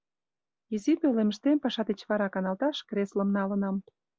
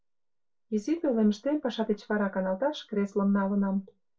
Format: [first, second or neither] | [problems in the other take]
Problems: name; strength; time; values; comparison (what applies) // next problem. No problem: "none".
first | room echo; dies away in 0.2 s